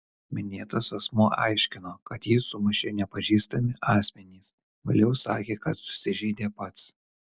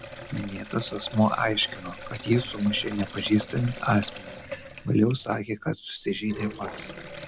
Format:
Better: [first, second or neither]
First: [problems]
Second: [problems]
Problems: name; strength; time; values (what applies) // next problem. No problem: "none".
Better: first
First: none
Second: background sound (Sink (filling or washing)); 13 dB below the speech